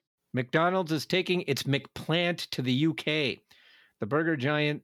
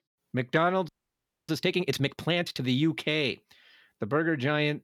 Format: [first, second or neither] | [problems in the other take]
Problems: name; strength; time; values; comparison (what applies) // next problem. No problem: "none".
first | audio freezing; at 1 s for 0.5 s